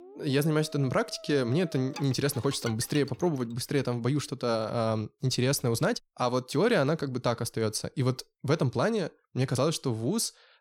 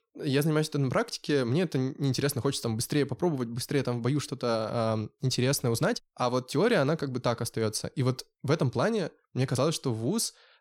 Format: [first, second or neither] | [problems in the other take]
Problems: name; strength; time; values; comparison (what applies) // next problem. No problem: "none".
second | background music; noticeable; until 3 s; 15 dB below the speech